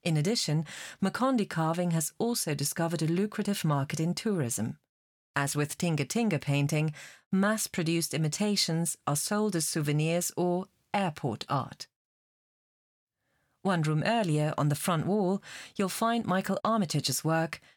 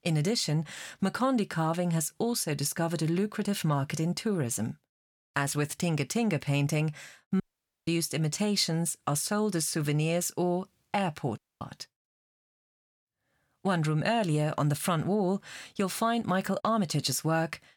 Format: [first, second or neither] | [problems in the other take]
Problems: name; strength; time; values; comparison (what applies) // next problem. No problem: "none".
first | audio cutting out; at 7.5 s and at 11 s